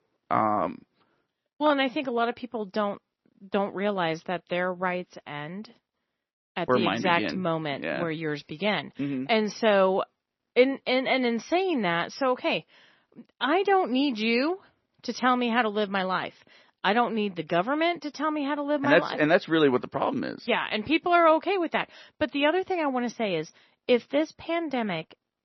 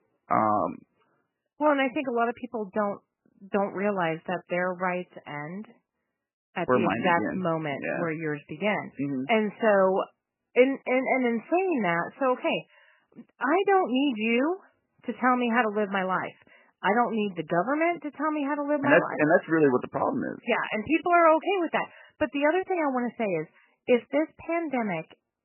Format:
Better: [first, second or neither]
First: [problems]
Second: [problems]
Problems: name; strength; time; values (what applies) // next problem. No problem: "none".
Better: first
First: garbled, watery; slightly; nothing above 6 kHz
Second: garbled, watery; badly; nothing above 3 kHz